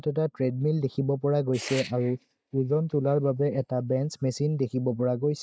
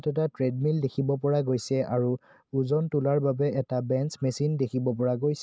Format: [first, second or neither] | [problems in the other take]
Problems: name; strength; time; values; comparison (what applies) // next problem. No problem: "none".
second | noise reduction (neural mask model DeepFilterNet 3)